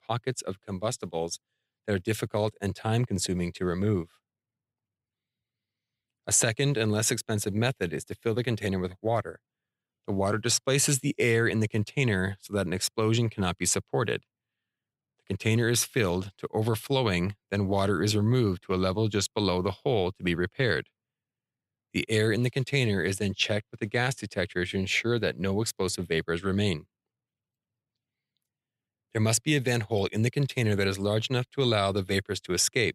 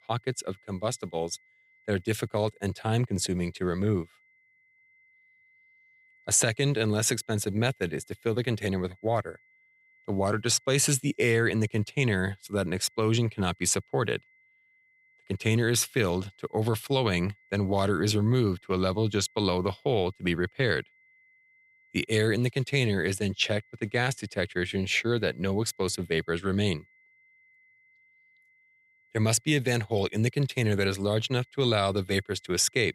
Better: first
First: none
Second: high-pitched whine; faint; throughout; 2 kHz, 35 dB below the speech

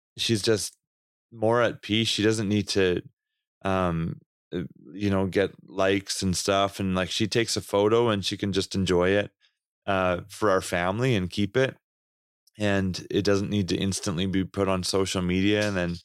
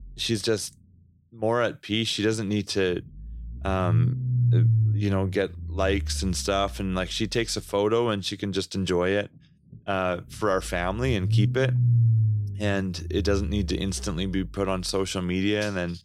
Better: first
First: none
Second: low rumble; noticeable; throughout; 10 dB below the speech

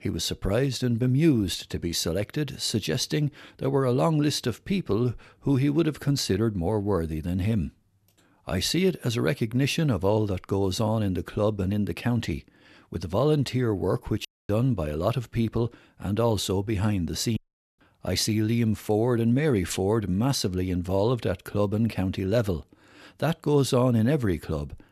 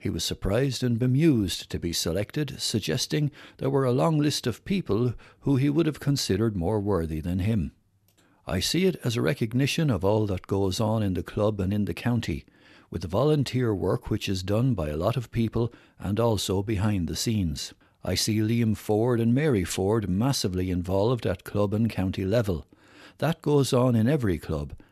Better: second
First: audio cutting out; at 14 s and at 17 s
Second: none

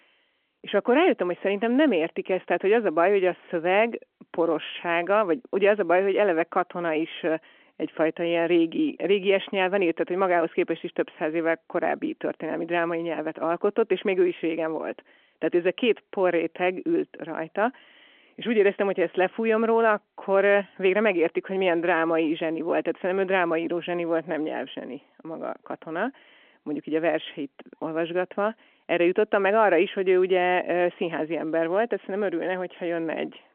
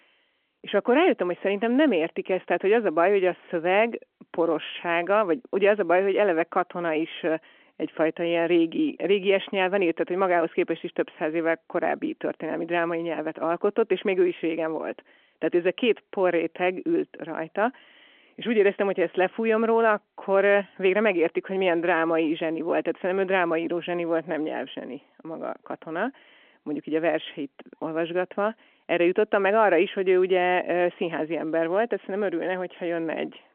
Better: neither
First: phone-call audio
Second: phone-call audio

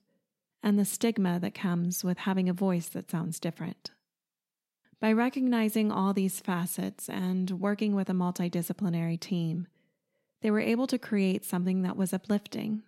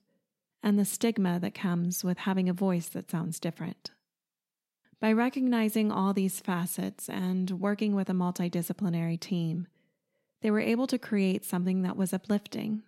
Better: neither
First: none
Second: none

